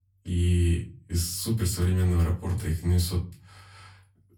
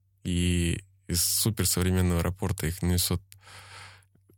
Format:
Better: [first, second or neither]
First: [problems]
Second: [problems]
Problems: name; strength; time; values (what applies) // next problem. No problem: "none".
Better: second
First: off-mic speech; far // room echo; slight; dies away in 0.3 s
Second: none